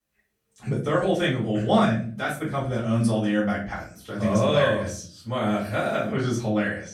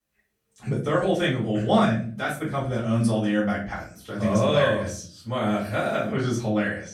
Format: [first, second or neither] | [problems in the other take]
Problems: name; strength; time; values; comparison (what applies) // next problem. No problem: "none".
neither | off-mic speech; far; the same in both // room echo; slight; dies away in 0.5 s; the same in both